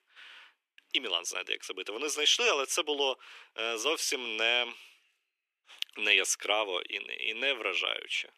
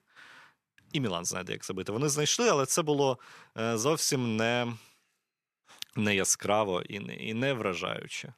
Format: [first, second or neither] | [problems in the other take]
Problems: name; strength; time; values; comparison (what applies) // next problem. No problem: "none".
second | thin; very; fading below 300 Hz